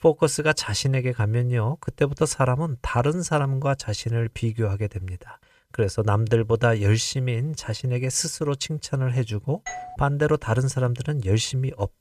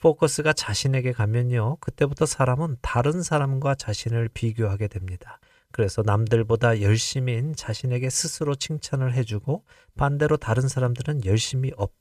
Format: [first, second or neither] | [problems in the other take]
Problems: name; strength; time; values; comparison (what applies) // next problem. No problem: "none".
second | doorbell; faint; at 9.5 s; peak 10 dB below the speech